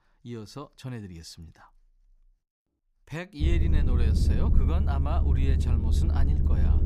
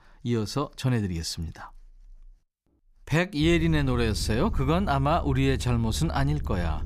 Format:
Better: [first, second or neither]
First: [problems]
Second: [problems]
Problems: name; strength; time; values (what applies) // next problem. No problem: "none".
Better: second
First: low rumble; loud; from 3.5 s on; 1 dB below the speech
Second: low rumble; faint; from 3.5 s on; 20 dB below the speech